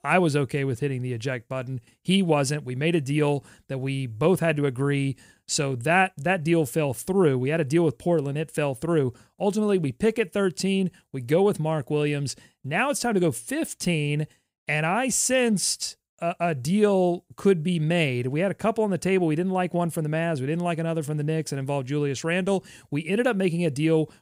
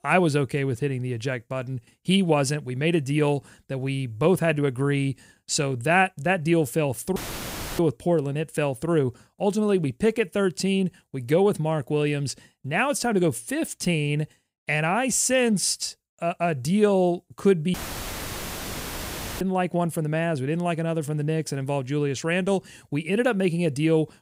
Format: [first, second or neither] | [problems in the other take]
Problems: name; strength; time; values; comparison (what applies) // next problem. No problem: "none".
first | audio cutting out; filled with static; at 7 s for 0.5 s and at 18 s for 1.5 s